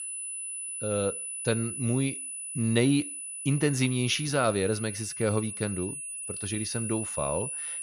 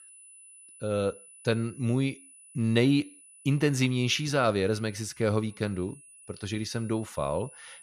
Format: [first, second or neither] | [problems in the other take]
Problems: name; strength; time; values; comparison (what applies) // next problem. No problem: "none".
second | high-pitched whine; loud; throughout; 10 kHz, 5 dB below the speech; faint in the second